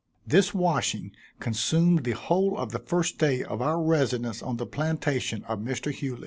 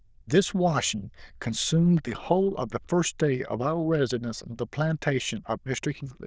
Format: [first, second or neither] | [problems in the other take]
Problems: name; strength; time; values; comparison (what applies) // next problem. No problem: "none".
first | noise reduction (neural diffusion model UNIVERSE++)